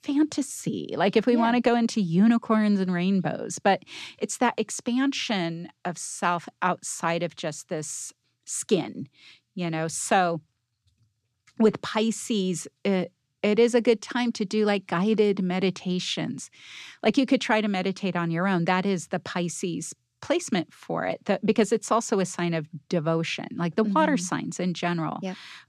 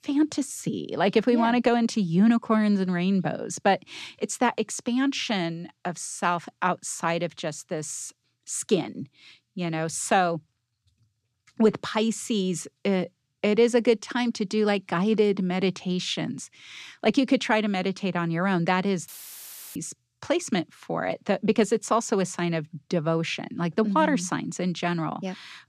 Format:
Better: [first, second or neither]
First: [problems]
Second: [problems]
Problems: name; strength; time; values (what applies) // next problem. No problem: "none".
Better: first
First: none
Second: audio cutting out; filled with static; at 19 s for 0.5 s